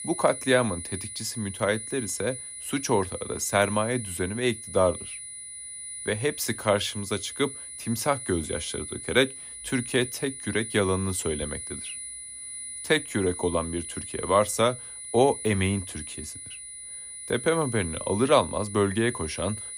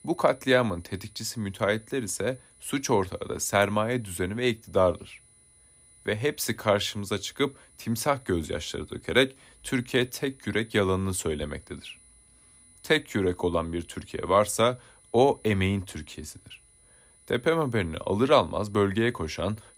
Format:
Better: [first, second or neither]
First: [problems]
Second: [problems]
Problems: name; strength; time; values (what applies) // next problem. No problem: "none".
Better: second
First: high-pitched whine; loud; throughout; 10 kHz, 9 dB below the speech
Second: high-pitched whine; faint; throughout; 10 kHz, 30 dB below the speech